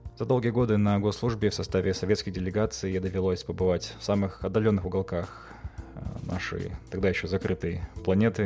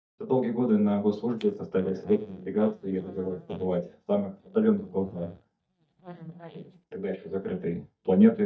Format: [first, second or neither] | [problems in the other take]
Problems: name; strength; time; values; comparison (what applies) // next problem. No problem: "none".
first | noise reduction (neural mask model DeepFilterNet 3)